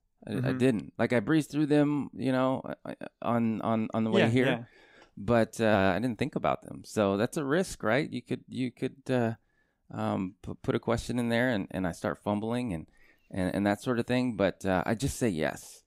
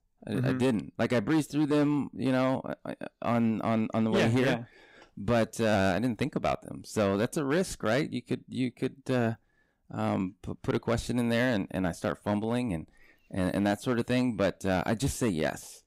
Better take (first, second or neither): first